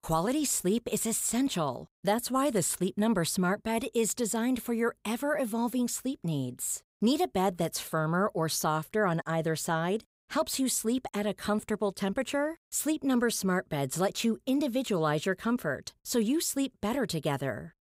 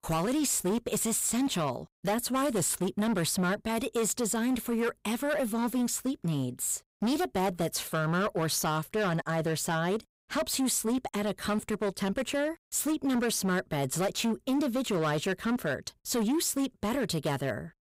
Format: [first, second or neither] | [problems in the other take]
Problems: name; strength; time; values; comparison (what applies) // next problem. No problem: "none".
first | distortion; slight; 15% of the sound clipped